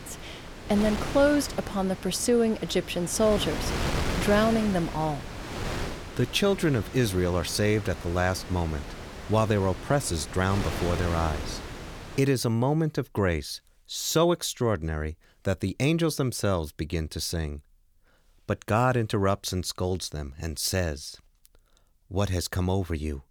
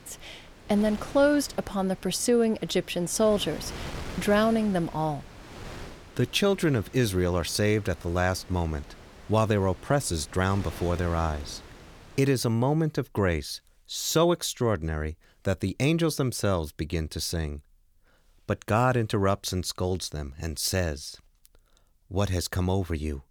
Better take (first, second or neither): second